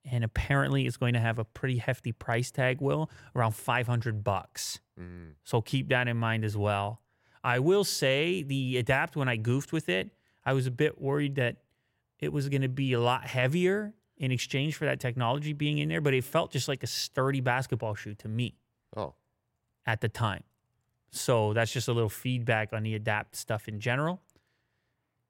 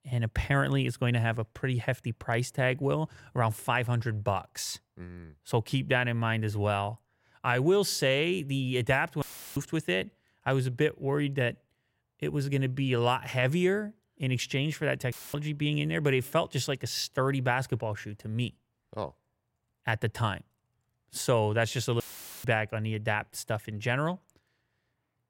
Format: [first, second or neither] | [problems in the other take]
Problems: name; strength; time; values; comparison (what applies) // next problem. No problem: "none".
first | audio cutting out; filled with static; at 9 s, at 15 s and at 22 s